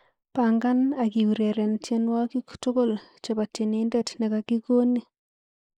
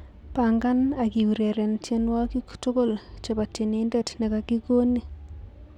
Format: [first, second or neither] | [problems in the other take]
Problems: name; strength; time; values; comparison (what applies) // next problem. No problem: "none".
second | noise reduction (neural mask model Resemble Enhance denoiser)